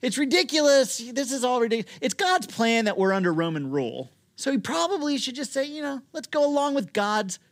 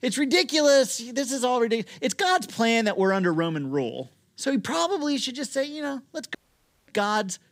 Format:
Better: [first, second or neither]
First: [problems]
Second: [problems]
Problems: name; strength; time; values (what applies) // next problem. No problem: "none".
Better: first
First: none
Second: audio cutting out; at 6.5 s for 0.5 s